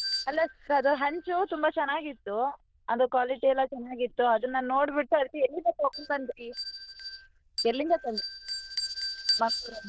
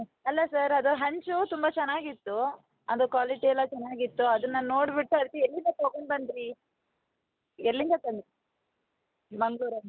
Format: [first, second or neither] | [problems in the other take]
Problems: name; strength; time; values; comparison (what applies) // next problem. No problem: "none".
second | noise reduction (neural diffusion model UNIVERSE++)